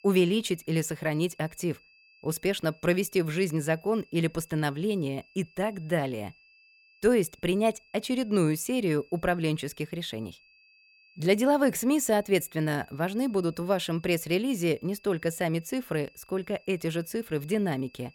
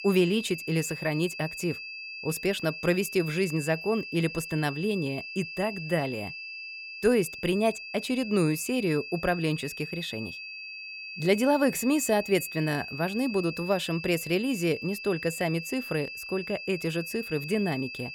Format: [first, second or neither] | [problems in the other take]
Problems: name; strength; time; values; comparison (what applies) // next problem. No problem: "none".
first | high-pitched whine; loud; throughout; 2.5 kHz, 9 dB below the speech; faint in the first